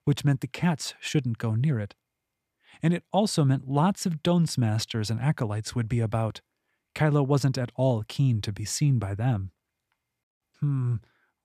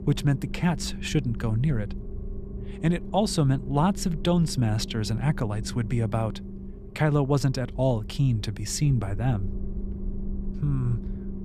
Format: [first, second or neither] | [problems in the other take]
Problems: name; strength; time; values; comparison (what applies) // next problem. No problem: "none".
first | low rumble; noticeable; throughout; 15 dB below the speech